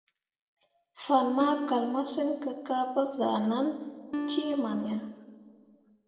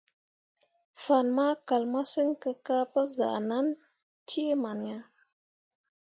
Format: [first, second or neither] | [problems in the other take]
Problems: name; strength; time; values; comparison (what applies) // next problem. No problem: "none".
second | noise reduction (neural separator model SepFormer DNS4)